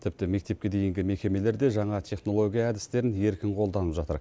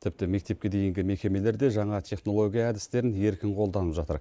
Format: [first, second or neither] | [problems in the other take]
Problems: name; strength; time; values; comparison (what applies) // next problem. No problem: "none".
first | noise reduction (neural mask model Resemble Enhance denoiser)